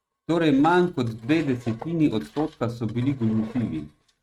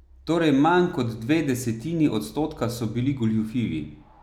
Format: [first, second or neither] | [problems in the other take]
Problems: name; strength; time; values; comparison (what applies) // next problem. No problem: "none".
second | noise reduction (neural mask model RNNoise)